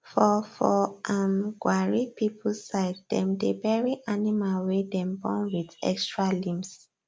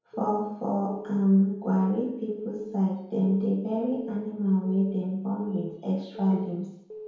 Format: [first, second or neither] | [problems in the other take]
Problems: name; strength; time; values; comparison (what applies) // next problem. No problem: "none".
first | background sound (Alarm / Keyboard (musical)); 16 dB below the speech // room echo; dies away in 0.9 s